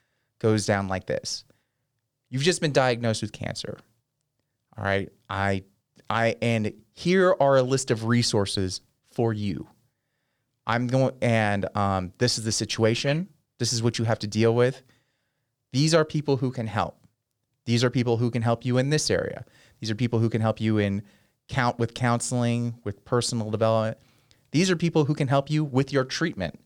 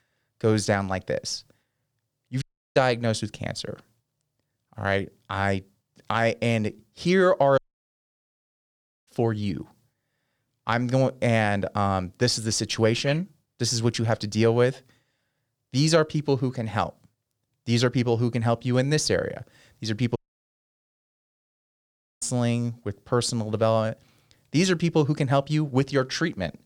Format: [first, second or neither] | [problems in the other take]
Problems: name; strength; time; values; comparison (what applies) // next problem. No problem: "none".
first | audio cutting out; at 2.5 s, at 7.5 s for 1.5 s and at 20 s for 2 s